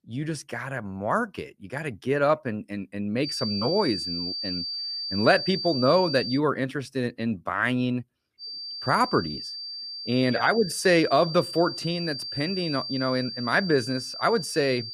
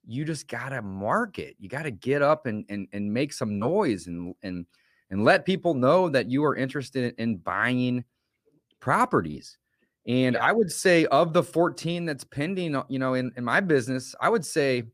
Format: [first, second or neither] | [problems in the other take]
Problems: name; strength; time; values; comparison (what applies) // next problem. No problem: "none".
second | high-pitched whine; loud; from 3.5 to 6.5 s and from 8.5 s on; 4.5 kHz, 6 dB below the speech